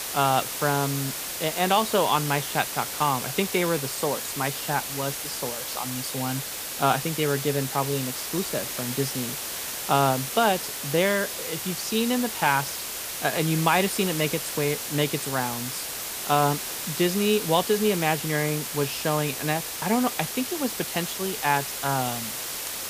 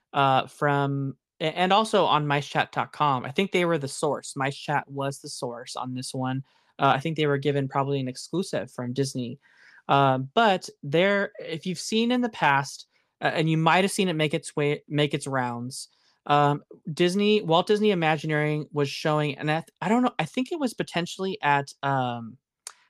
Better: second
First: hiss; loud; throughout; 4 dB below the speech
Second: none

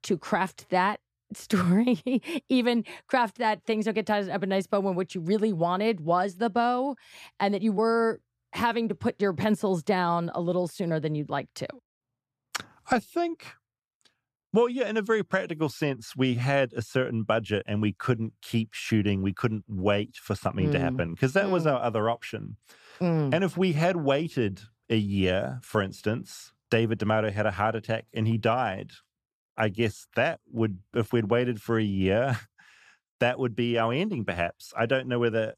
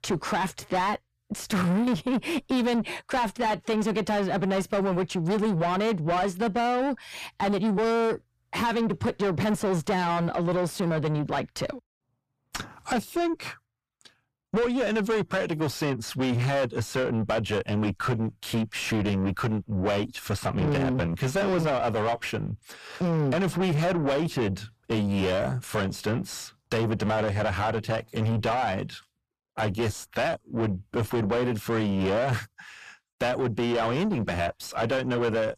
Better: first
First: none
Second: distortion; heavy; 5 dB below the speech

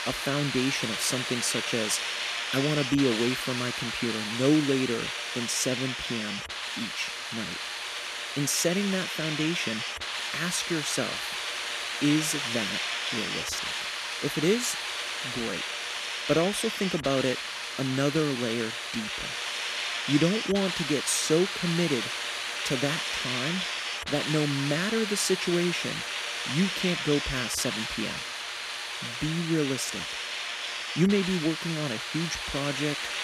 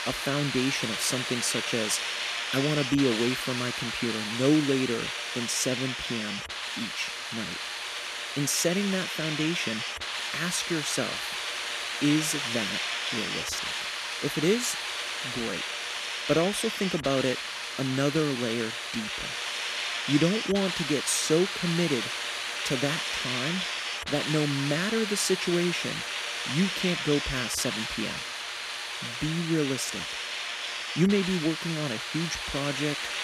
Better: neither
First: hiss; loud; throughout; 2 dB below the speech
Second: hiss; loud; throughout; 2 dB below the speech

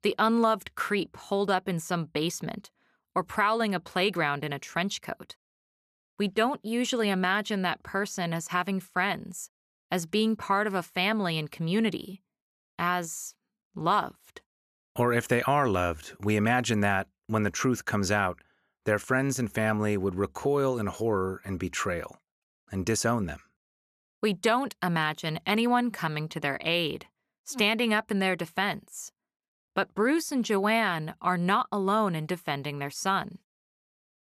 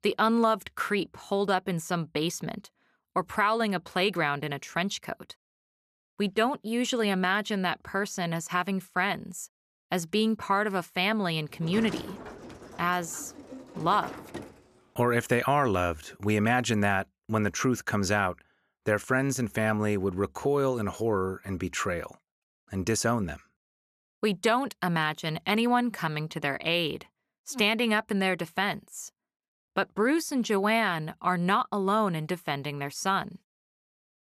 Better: first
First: none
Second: door banging; noticeable; from 12 to 15 s; peak 10 dB below the speech

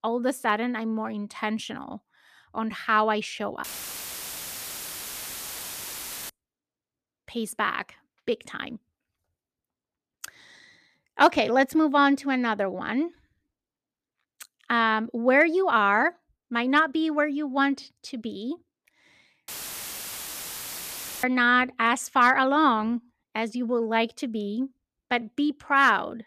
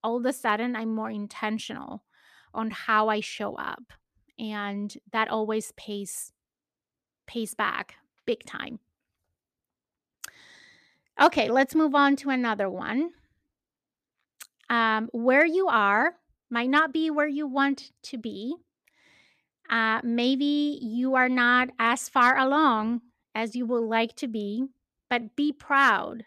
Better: second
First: audio cutting out; filled with static; at 3.5 s for 2.5 s and at 19 s for 2 s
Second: none

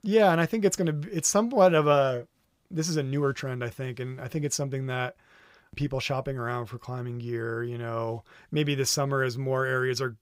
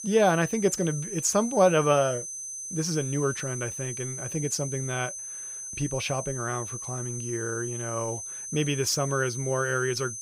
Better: first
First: none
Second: high-pitched whine; loud; throughout; 6 kHz, 7 dB below the speech

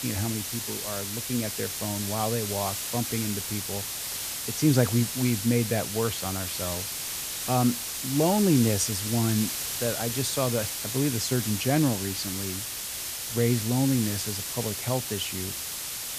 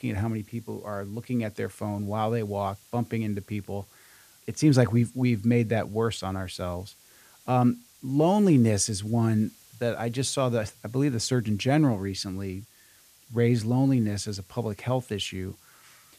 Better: second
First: hiss; loud; throughout; 2 dB below the speech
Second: hiss; faint; throughout; 25 dB below the speech

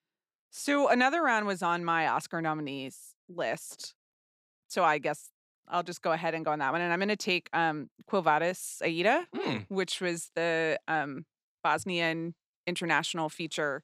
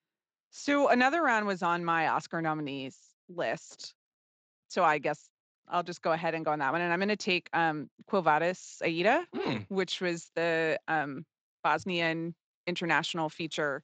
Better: first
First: none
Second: garbled, watery; slightly; nothing above 7.5 kHz

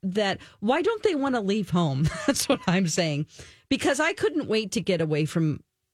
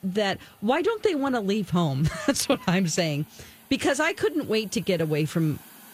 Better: first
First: none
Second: hiss; faint; throughout; 25 dB below the speech

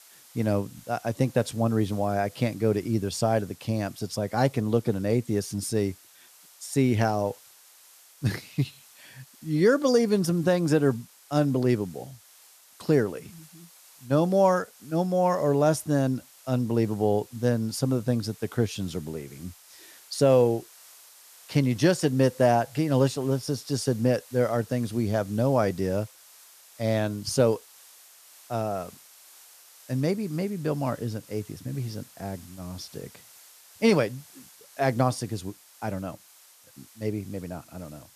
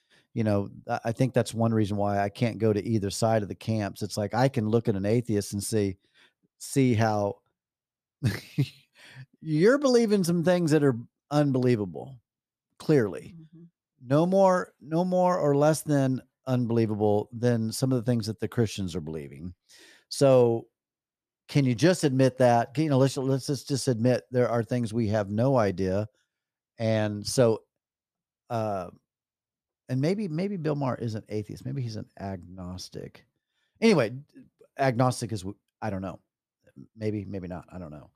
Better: second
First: hiss; faint; throughout; 25 dB below the speech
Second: none

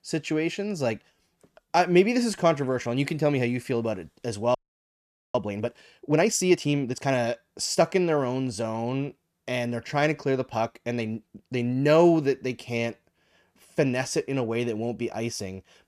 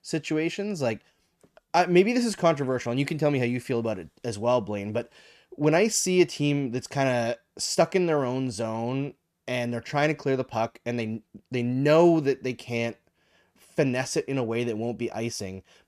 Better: second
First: audio freezing; at 4.5 s for 1 s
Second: none

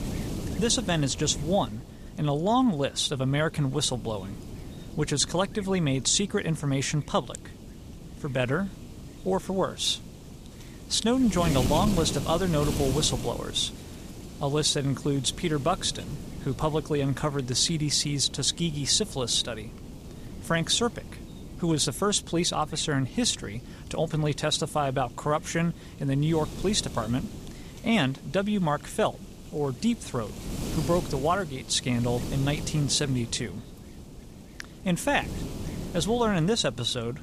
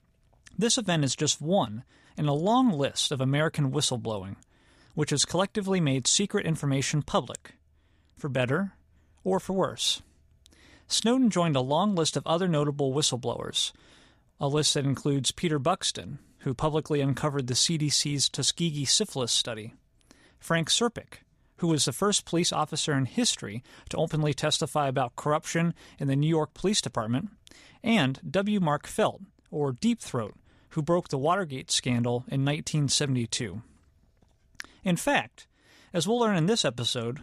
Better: second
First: wind noise on the microphone; occasional gusts; 15 dB below the speech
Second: none

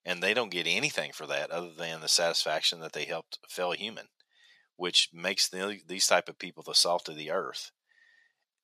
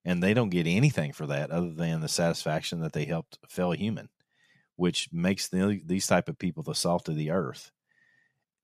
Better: second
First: thin; very; fading below 550 Hz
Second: none

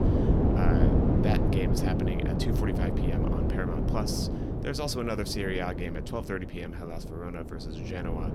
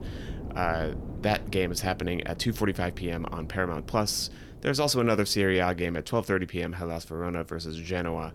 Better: second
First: wind noise on the microphone; heavy; 1 dB above the speech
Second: wind noise on the microphone; occasional gusts; 20 dB below the speech

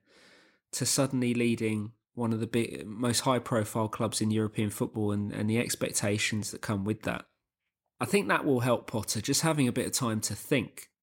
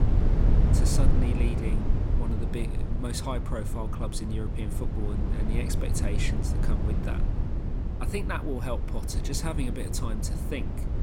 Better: first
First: none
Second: low rumble; loud; throughout; 3 dB below the speech

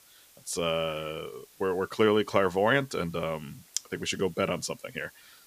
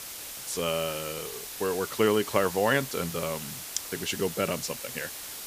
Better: first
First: hiss; faint; throughout; 25 dB below the speech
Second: hiss; loud; throughout; 7 dB below the speech

